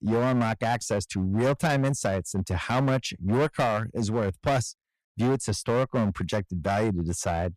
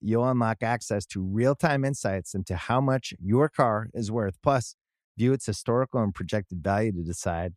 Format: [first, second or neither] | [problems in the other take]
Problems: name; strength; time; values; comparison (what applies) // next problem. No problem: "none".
second | distortion; heavy; 13% of the sound clipped